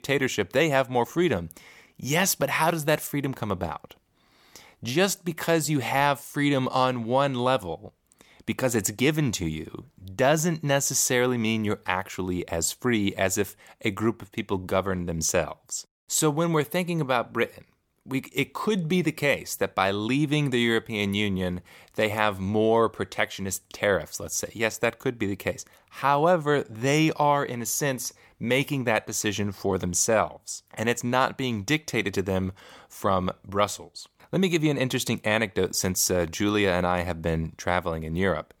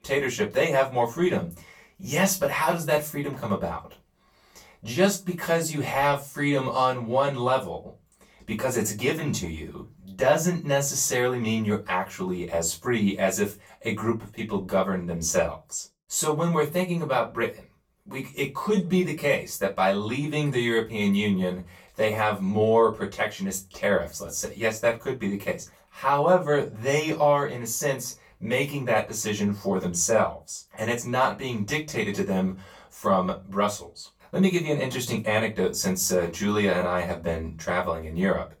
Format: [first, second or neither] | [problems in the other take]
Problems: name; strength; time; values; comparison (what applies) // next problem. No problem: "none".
first | off-mic speech; far // room echo; very slight; dies away in 0.2 s